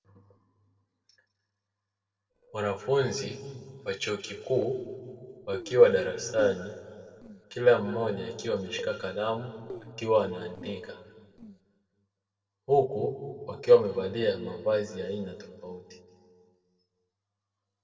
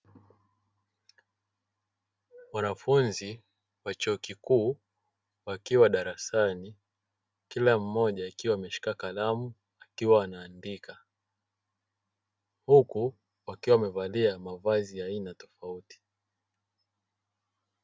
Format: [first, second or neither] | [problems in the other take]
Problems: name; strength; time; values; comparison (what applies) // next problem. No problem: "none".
second | noise reduction (neural separator model SepFormer DNS4)